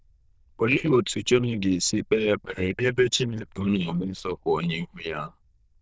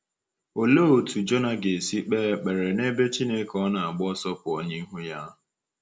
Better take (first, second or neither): second